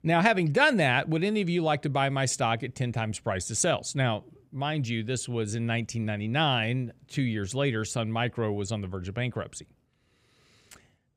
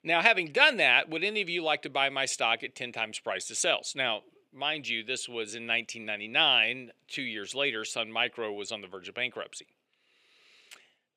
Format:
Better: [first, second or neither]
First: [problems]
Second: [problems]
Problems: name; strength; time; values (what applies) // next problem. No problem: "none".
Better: first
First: none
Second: thin; somewhat; fading below 400 Hz